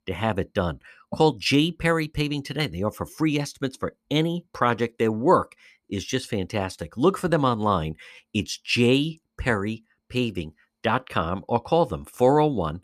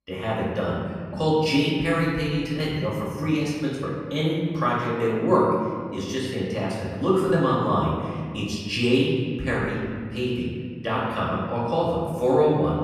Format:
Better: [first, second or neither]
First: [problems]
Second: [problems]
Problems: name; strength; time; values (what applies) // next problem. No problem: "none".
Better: first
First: none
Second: off-mic speech; far // room echo; noticeable; dies away in 2 s